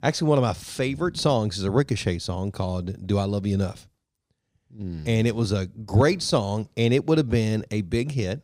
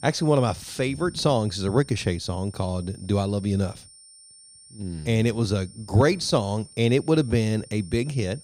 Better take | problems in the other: first | high-pitched whine; faint; throughout; 9 kHz, 20 dB below the speech

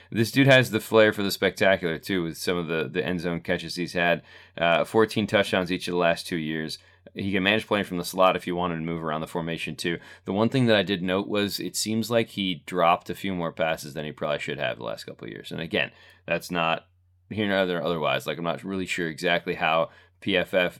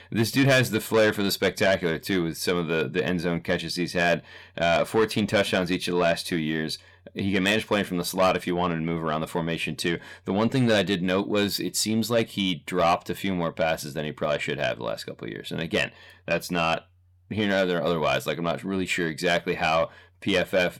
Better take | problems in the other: first | distortion; slight; 10 dB below the speech

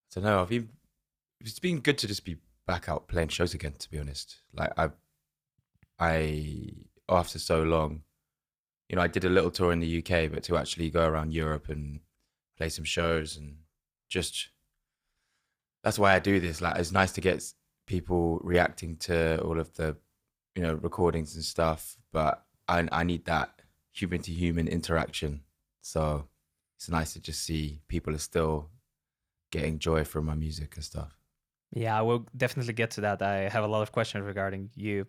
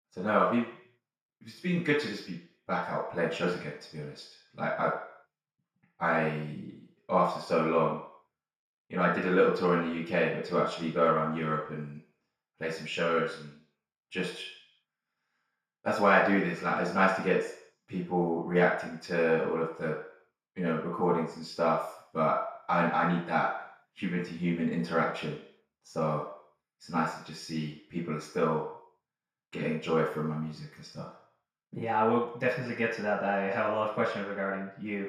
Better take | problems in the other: first | room echo; noticeable; dies away in 0.6 s // off-mic speech; far

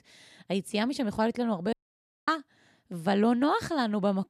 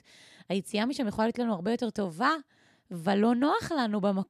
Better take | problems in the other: second | audio cutting out; at 1.5 s for 0.5 s

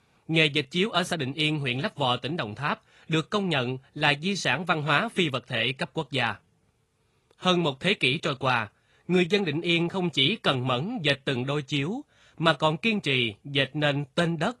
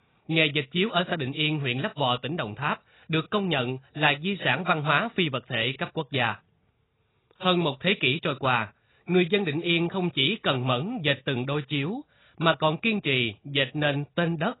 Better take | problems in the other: first | garbled, watery; badly; nothing above 4 kHz; slightly in the first

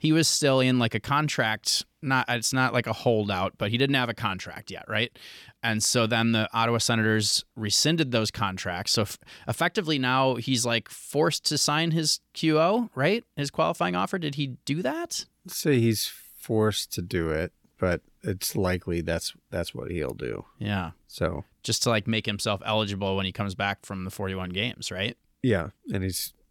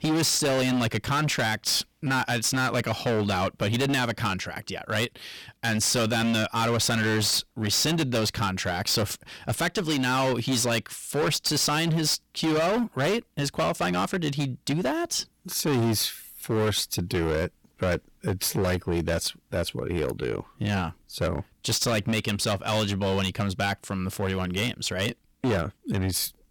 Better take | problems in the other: first | distortion; heavy; 19% of the sound clipped

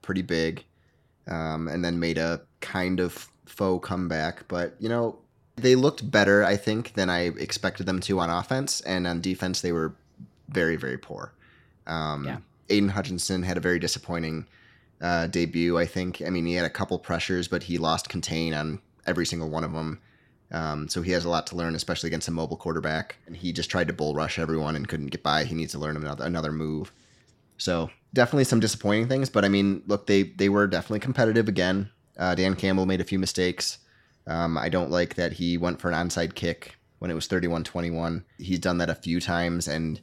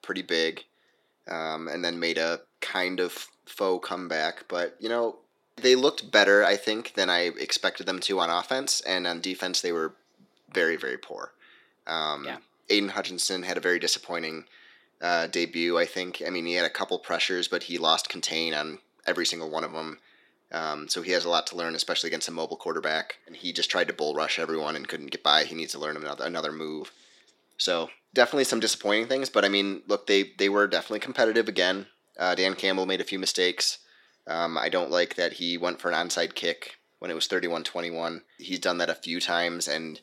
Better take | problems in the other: first | thin; somewhat; fading below 350 Hz

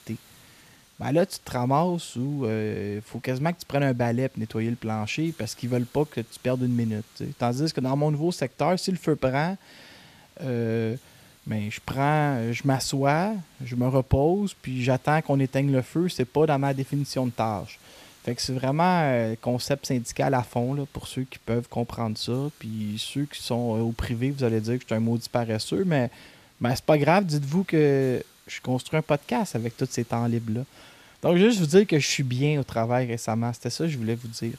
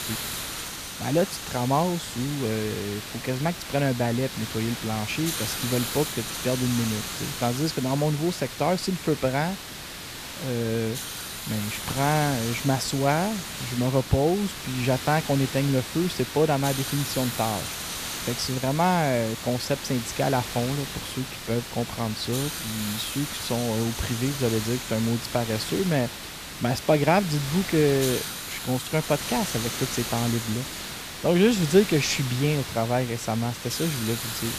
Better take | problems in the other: first | hiss; loud; throughout; 6 dB below the speech; faint in the first

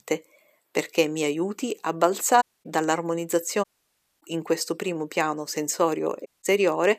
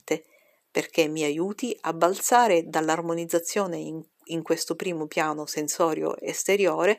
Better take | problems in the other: second | audio cutting out; at 2.5 s, at 3.5 s for 0.5 s and at 6.5 s

